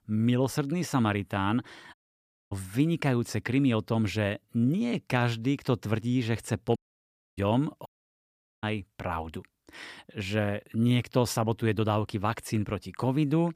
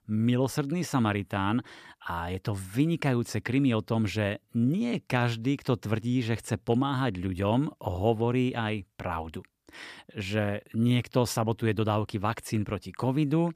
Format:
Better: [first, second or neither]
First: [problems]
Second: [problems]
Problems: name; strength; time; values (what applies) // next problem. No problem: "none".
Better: second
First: audio cutting out; at 2 s for 0.5 s, at 7 s for 0.5 s and at 8 s for 1 s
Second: none